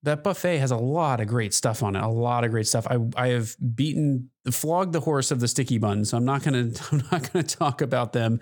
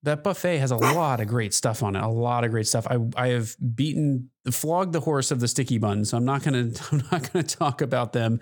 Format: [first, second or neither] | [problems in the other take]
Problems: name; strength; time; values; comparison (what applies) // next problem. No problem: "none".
first | dog barking; noticeable; at 1 s; peak level with the speech